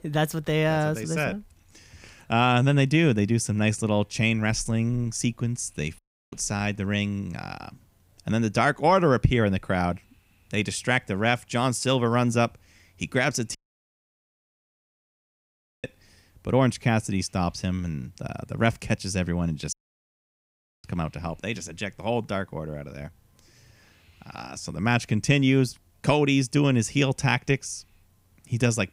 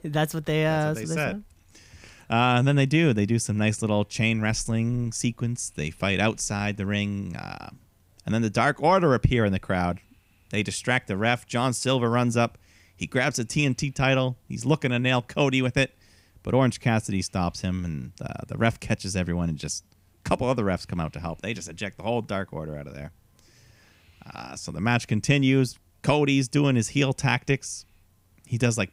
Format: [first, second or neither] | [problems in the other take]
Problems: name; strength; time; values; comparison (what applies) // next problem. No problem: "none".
second | audio cutting out; at 6 s, at 14 s for 2.5 s and at 20 s for 1 s